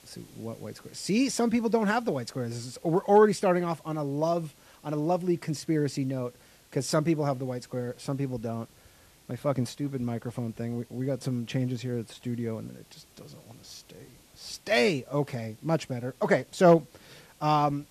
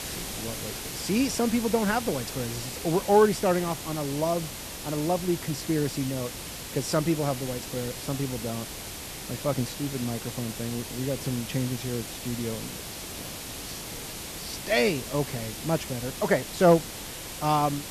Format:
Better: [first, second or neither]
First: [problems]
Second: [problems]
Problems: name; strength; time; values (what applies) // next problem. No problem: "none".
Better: first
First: hiss; faint; throughout; 30 dB below the speech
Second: hiss; loud; throughout; 8 dB below the speech